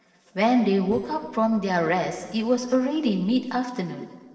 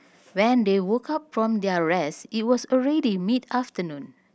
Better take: second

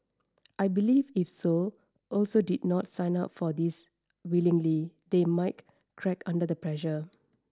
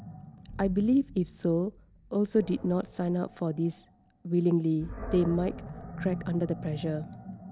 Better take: first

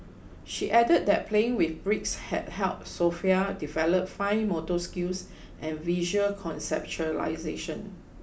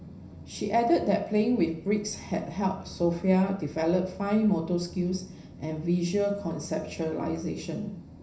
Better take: first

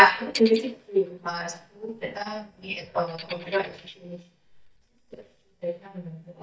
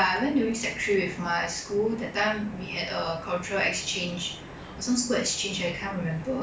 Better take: second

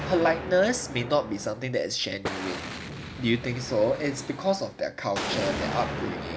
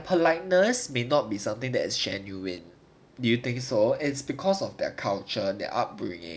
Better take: second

